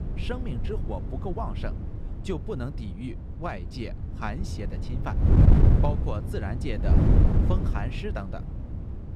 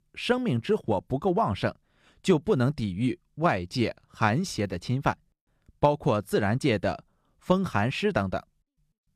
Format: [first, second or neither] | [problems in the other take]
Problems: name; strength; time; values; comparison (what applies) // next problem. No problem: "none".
second | wind noise on the microphone; heavy; as loud as the speech